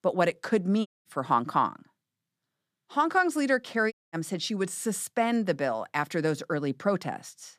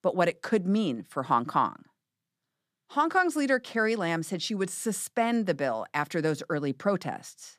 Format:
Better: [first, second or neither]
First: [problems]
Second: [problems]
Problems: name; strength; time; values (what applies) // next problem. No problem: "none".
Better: second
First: audio cutting out; at 1 s and at 4 s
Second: none